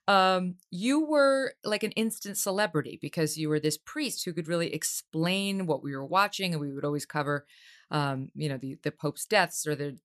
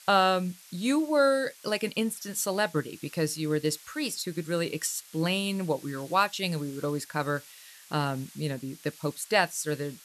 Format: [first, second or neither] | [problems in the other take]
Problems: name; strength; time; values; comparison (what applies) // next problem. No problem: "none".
first | hiss; noticeable; throughout; 20 dB below the speech